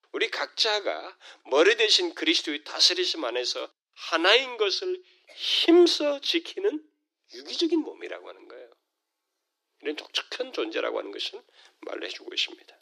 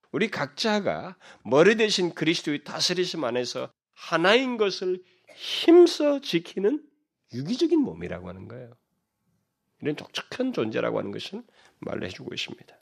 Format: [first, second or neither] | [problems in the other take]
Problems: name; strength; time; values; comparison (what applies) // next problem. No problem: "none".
second | thin; somewhat; fading below 300 Hz